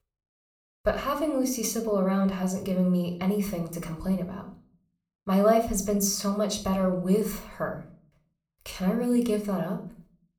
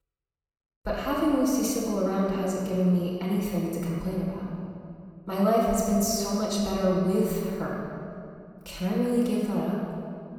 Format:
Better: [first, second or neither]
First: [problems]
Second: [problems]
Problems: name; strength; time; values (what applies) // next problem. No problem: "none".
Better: first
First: room echo; slight; dies away in 0.4 s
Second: room echo; strong; dies away in 2.2 s // off-mic speech; far